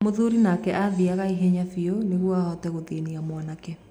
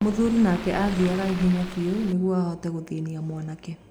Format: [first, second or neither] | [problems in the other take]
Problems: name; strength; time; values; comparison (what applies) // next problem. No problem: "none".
first | background sound (Waves, surf); 11 dB below the speech